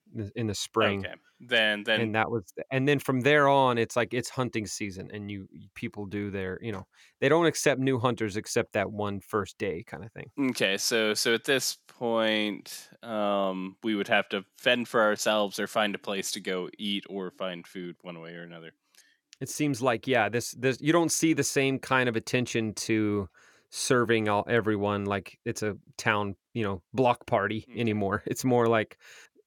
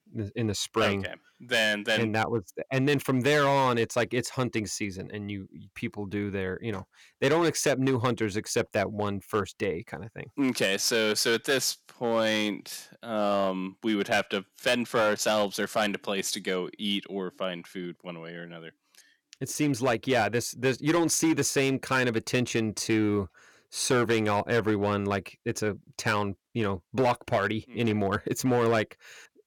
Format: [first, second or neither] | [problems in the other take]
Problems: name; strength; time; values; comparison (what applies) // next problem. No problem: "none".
first | distortion; slight; 5% of the sound clipped